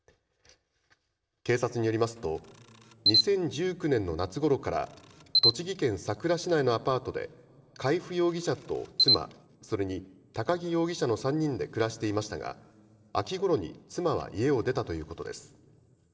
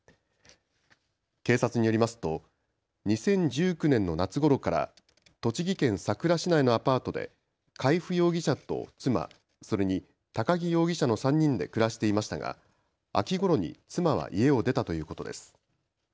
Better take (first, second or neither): second